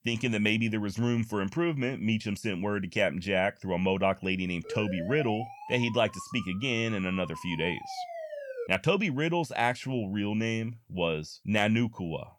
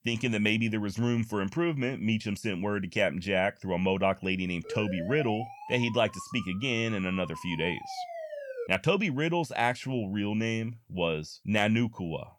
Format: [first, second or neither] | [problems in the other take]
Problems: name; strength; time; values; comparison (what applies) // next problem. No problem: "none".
neither | siren; noticeable; from 4.5 to 8.5 s; peak 8 dB below the speech; the same in both